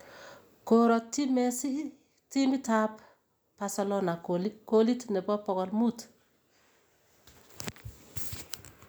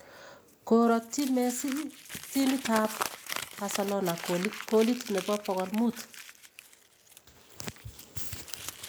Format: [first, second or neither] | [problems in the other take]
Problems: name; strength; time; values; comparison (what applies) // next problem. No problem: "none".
first | background sound (Crumpling, crinkling); 11 dB below the speech